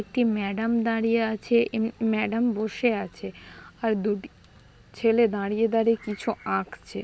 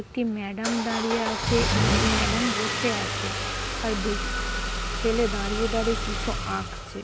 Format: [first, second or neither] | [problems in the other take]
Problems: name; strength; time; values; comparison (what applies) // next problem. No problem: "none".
first | background sound (Engine starting / Car); 2 dB above the speech